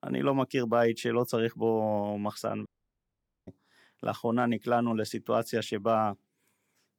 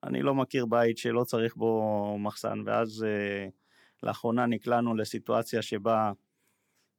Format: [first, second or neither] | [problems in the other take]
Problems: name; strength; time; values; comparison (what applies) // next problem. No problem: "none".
second | audio cutting out; at 2.5 s for 1 s